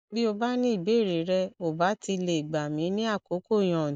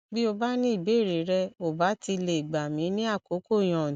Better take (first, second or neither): second